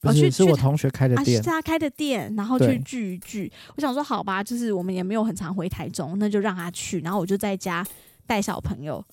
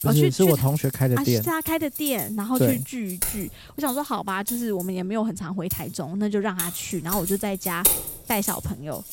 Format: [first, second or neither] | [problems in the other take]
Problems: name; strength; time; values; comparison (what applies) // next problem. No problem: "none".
first | household noises; loud; throughout; 3 dB below the speech; faint in the first